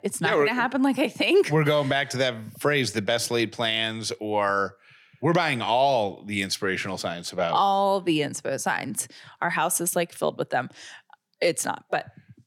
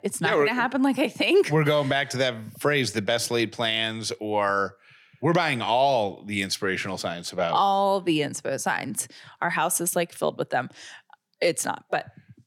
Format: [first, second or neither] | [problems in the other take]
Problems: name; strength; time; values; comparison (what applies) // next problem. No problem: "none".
neither | none